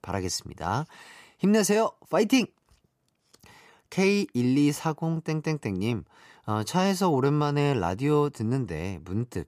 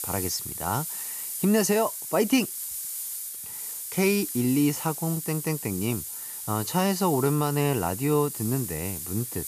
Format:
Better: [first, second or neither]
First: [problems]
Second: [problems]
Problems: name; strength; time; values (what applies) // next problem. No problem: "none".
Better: first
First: none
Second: hiss; loud; throughout; 6 dB below the speech